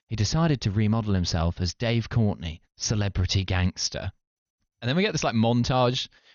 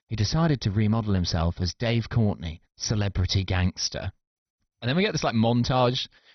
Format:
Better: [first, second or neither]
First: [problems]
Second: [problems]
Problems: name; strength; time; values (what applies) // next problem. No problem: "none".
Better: first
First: garbled, watery; slightly; nothing above 6.5 kHz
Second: garbled, watery; badly; nothing above 6 kHz